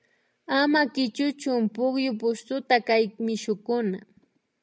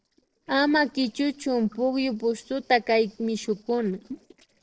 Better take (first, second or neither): first